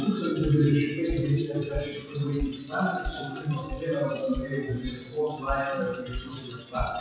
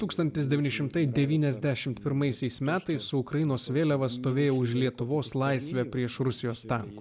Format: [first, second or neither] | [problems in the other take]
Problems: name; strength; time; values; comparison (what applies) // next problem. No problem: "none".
second | noise reduction (classical method WPE with log-MMSE)